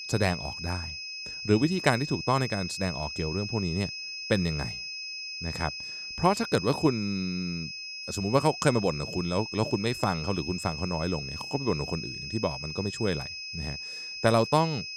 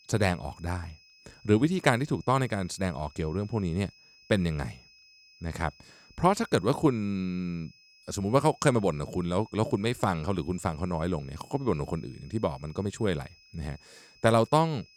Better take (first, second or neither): second